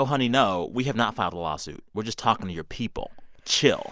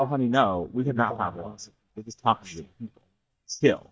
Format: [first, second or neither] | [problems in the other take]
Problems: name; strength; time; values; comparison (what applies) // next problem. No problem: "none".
first | noise reduction (neural mask model DeepFilterNet 3)